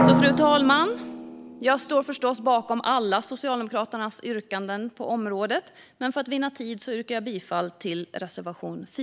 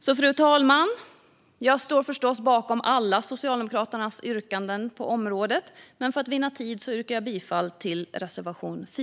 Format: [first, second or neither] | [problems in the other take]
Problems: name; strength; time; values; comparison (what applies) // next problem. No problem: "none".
second | background sound (Drum); 5 dB below the speech